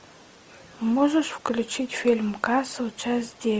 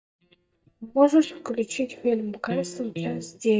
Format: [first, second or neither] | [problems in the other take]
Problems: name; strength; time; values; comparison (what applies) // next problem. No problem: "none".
first | noise reduction (neural mask model DeepFilterNet 3)